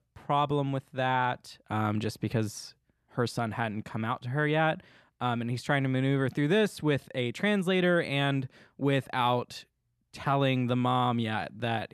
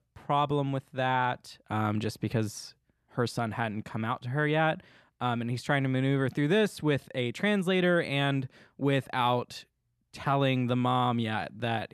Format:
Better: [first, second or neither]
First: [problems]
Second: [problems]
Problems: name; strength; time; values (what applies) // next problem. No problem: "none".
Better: neither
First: none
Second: none